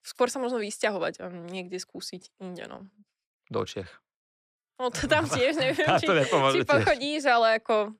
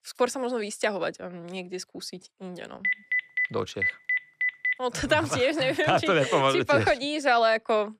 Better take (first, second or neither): first